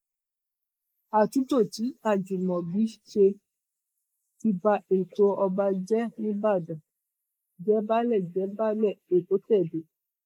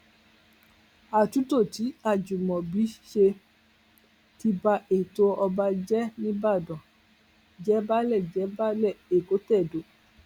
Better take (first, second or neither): second